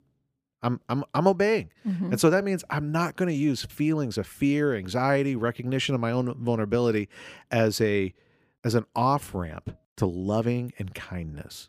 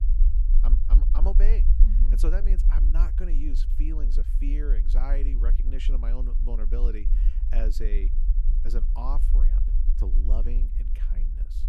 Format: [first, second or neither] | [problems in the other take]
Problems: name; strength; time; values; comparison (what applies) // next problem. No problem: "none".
first | low rumble; loud; throughout; 7 dB below the speech